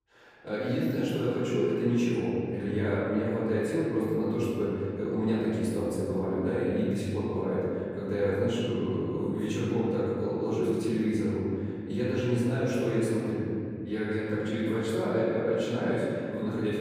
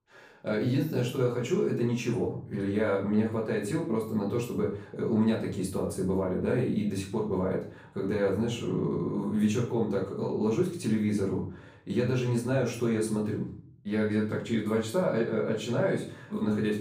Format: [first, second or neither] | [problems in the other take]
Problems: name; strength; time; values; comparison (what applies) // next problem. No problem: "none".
second | room echo; strong; dies away in 2.6 s; slight in the second // off-mic speech; far; far in the second